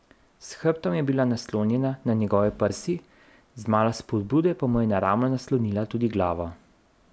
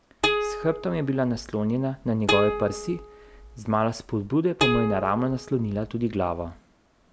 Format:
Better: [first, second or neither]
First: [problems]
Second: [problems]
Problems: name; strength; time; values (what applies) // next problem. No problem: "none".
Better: first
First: none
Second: background sound (Plucked string instrument); 4 dB below the speech